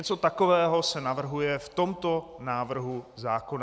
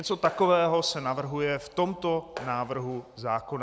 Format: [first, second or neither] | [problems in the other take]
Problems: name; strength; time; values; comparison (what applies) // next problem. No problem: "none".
first | background sound (Clapping); 17 dB below the speech